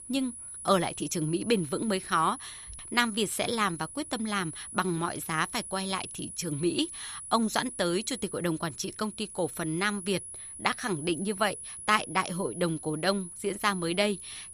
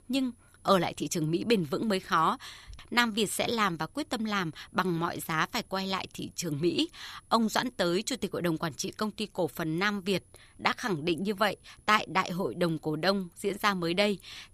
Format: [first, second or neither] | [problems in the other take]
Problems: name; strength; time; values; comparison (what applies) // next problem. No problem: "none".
second | high-pitched whine; loud; throughout; 10.5 kHz, 10 dB below the speech; faint in the second